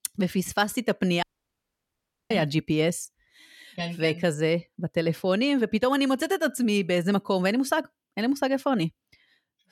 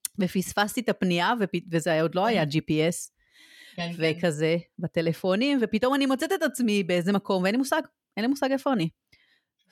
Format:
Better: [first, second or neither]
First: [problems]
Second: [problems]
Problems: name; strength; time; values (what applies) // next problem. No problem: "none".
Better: second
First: audio cutting out; at 1 s for 1 s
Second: none